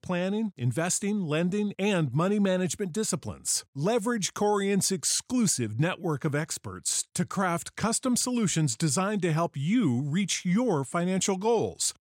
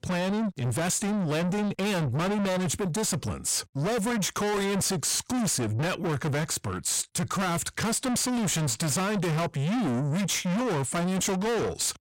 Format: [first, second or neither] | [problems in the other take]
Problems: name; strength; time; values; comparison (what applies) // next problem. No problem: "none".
first | distortion; heavy; 6 dB below the speech